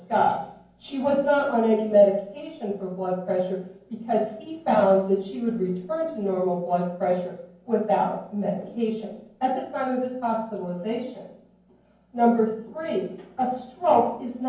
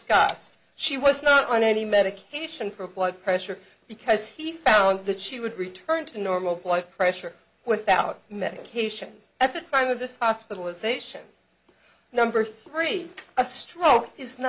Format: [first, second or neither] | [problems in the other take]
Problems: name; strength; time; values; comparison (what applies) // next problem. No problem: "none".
second | room echo; dies away in 0.9 s